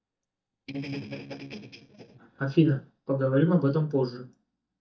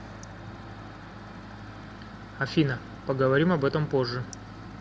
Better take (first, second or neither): second